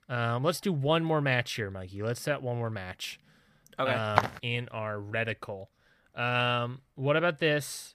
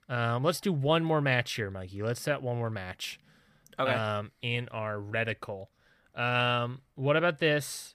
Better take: second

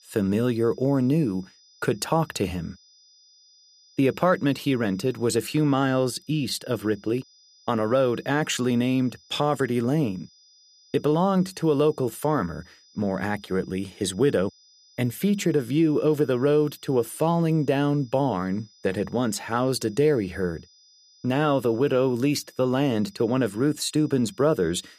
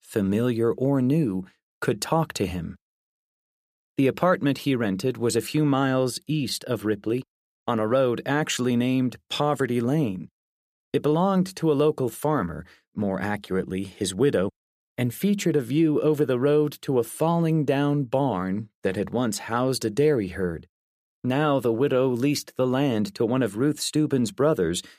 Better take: second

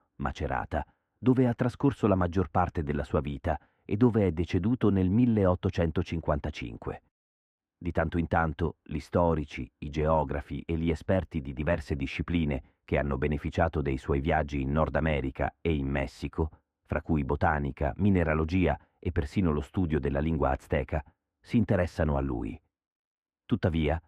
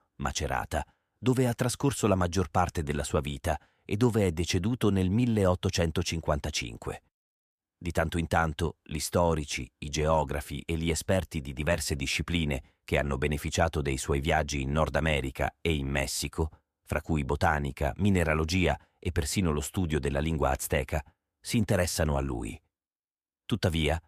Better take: second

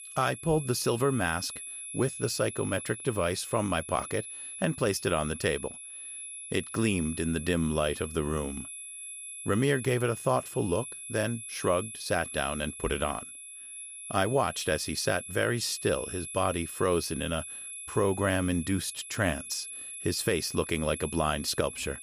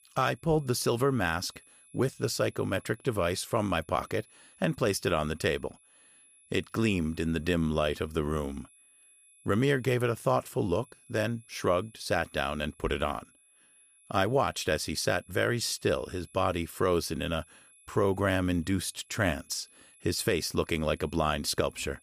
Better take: second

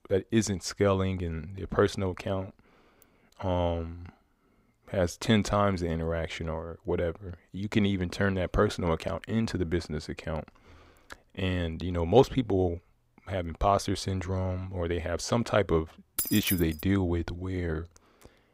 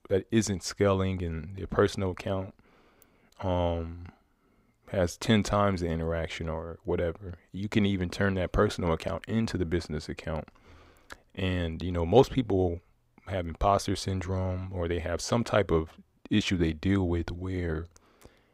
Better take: second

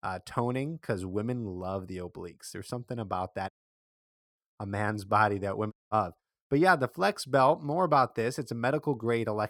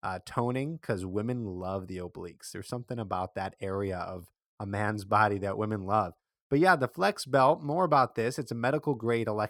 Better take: second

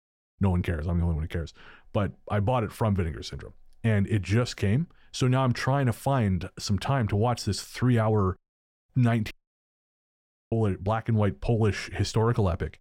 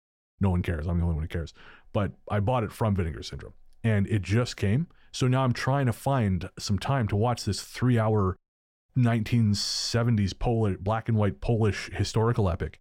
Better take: second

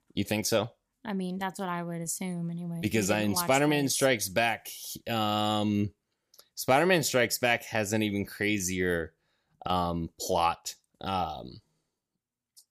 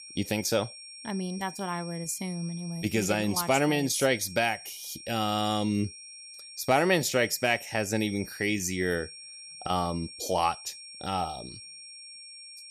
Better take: first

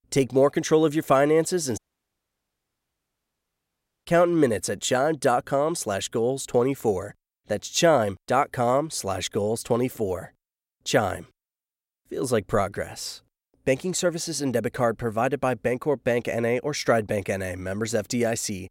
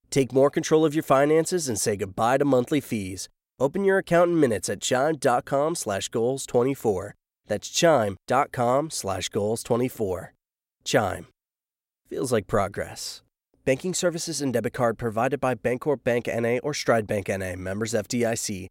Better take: second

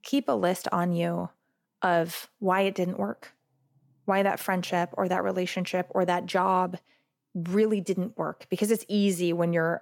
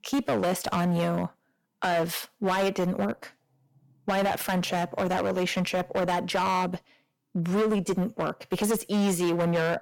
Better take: first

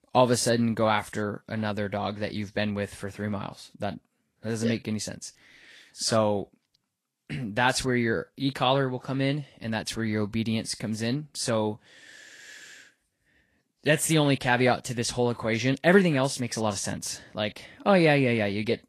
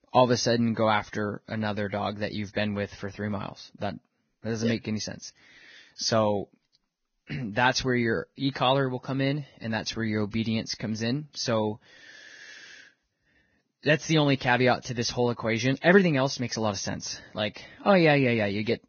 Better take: first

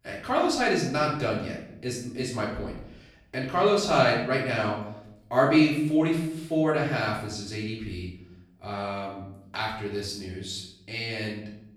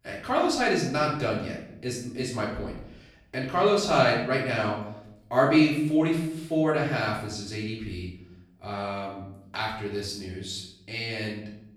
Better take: neither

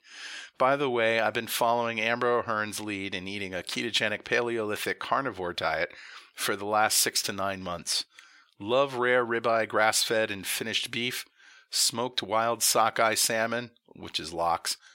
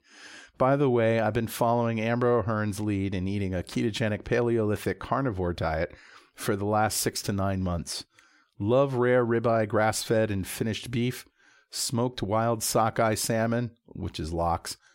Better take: second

